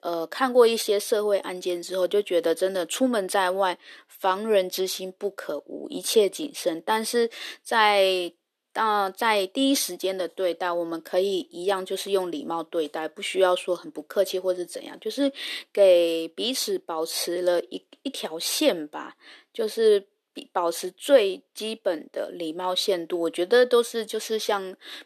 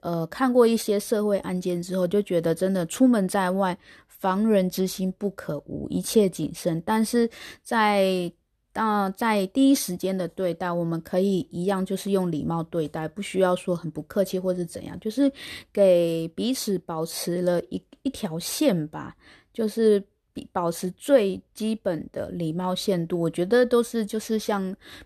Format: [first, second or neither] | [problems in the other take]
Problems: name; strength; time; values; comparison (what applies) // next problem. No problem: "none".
second | thin; somewhat; fading below 300 Hz